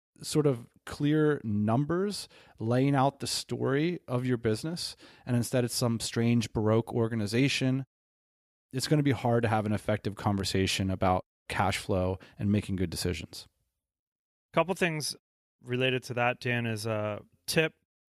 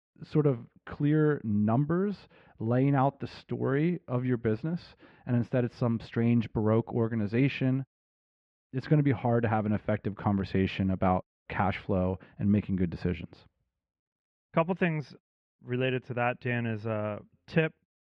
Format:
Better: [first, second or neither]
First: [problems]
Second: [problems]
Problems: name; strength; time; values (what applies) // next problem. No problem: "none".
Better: first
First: none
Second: muffled; very; fading above 2.5 kHz